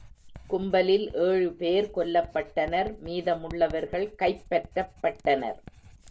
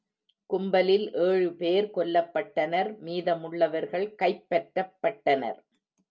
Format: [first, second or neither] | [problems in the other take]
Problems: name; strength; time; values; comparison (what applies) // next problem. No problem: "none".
second | background sound (Writing); 19 dB below the speech